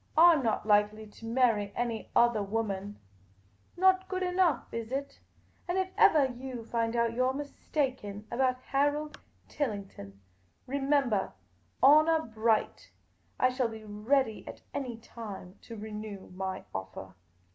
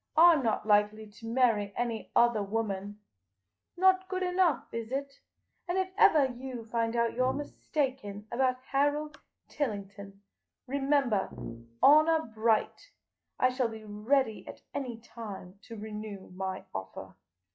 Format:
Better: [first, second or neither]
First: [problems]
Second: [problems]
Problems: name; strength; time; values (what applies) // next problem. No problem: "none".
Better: first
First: none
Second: noise reduction (classical method log-MMSE)